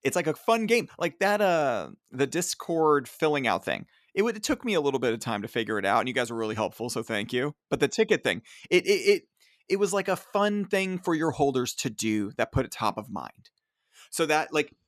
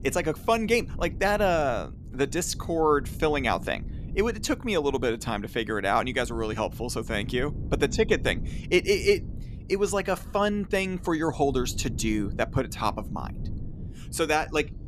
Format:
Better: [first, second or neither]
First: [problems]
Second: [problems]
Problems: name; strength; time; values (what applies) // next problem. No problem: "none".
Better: first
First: none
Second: wind noise on the microphone; occasional gusts; 20 dB below the speech